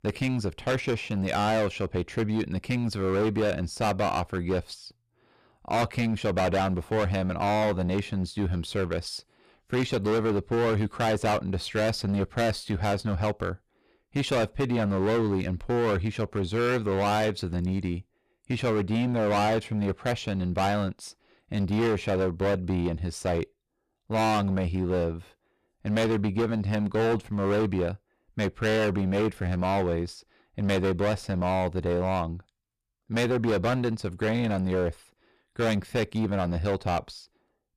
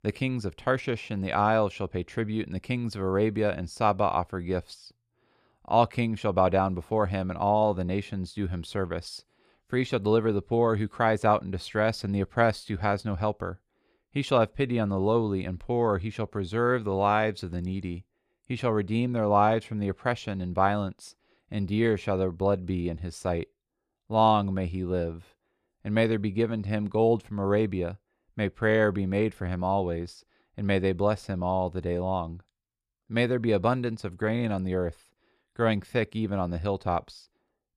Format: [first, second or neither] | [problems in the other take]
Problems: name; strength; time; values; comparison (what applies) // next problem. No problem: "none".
second | distortion; heavy; 16% of the sound clipped